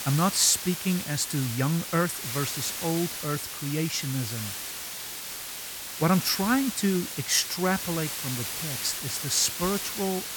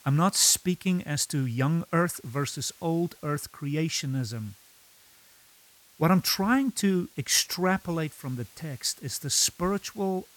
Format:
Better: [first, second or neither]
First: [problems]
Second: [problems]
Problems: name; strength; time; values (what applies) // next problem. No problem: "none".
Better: second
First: hiss; loud; throughout; 5 dB below the speech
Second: hiss; faint; throughout; 25 dB below the speech